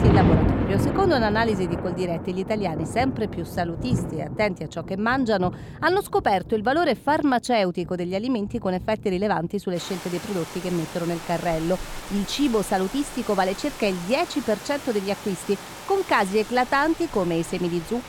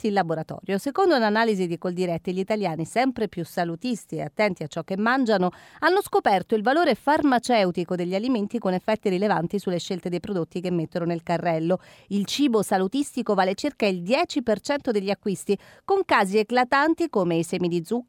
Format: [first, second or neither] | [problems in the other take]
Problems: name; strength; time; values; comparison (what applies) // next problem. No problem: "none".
second | rain or running water; loud; throughout; 6 dB below the speech